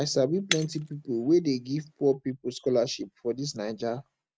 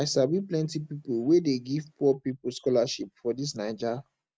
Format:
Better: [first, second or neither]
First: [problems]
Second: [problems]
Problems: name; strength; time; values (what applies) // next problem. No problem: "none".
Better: second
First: background sound (Shatter); 12 dB below the speech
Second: none